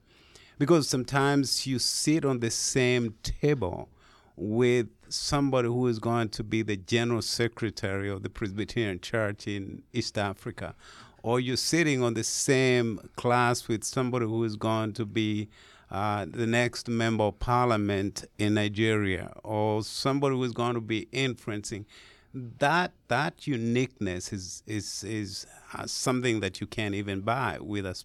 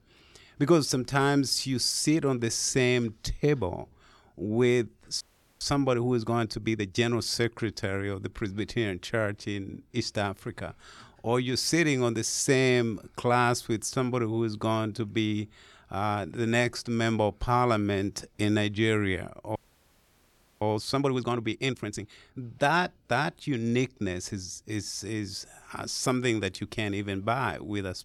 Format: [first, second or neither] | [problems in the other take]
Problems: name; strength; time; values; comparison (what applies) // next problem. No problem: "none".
first | audio freezing; at 5 s and at 20 s for 1 s